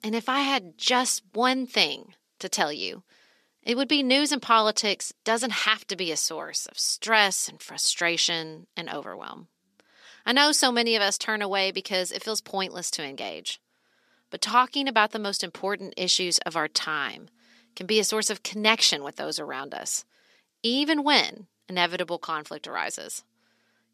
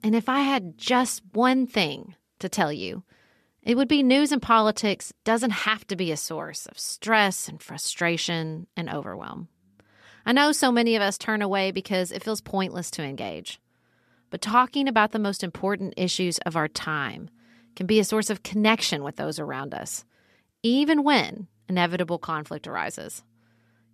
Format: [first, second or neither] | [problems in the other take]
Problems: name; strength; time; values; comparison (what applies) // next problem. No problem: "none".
second | thin; very slightly; fading below 300 Hz